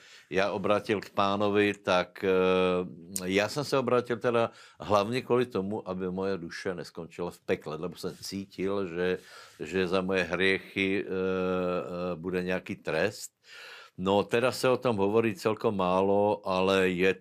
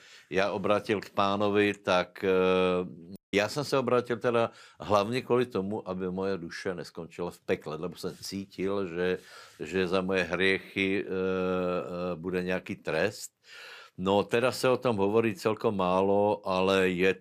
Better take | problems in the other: first | audio cutting out; at 3 s

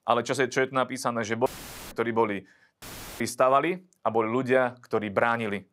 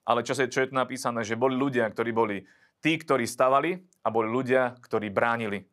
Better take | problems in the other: second | audio cutting out; filled with static; at 1.5 s and at 3 s

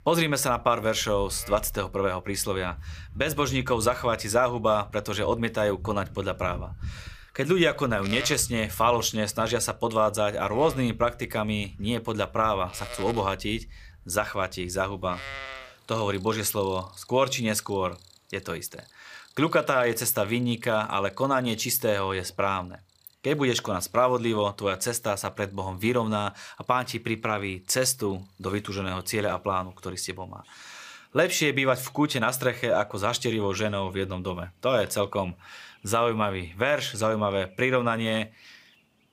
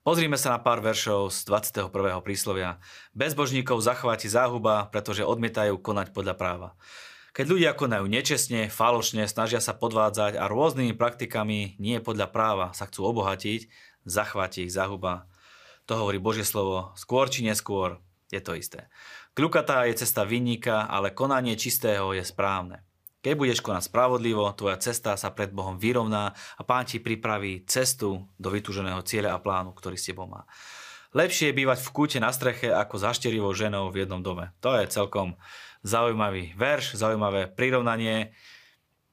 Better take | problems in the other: second | animal sounds; noticeable; throughout; 15 dB below the speech

